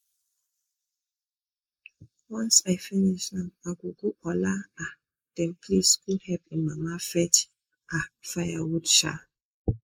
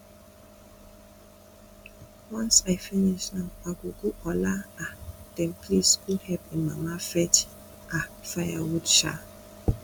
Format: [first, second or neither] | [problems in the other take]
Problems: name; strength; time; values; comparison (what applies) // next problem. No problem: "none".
second | noise reduction (neural mask model Resemble Enhance denoiser)